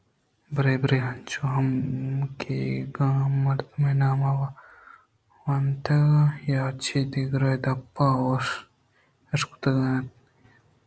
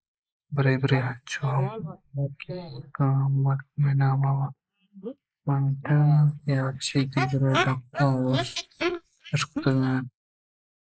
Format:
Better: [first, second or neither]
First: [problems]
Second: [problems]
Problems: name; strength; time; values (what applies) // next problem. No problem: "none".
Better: first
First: none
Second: noise reduction (neural mask model Resemble Enhance denoiser)